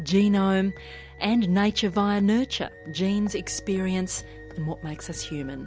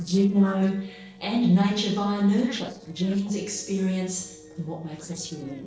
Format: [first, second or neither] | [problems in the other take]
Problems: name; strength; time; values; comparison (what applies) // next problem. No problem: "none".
first | noise reduction (neural separator model SepFormer DNS4)